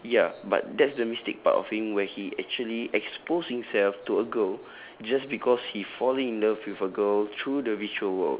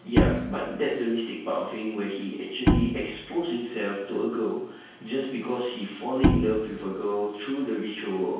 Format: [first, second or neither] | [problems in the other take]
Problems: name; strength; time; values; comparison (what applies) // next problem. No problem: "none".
first | background sound (Bowed string instrument); 2 dB above the speech // room echo; dies away in 0.6 s